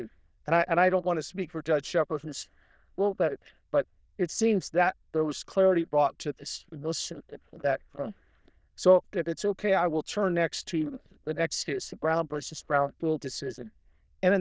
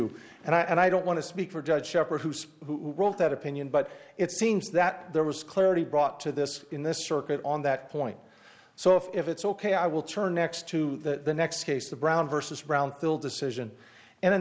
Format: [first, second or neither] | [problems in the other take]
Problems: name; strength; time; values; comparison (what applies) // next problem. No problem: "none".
second | noise reduction (neural diffusion model UNIVERSE++)